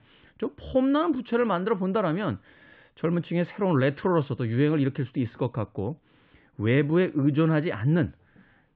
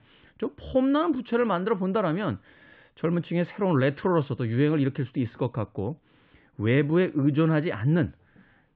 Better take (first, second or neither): neither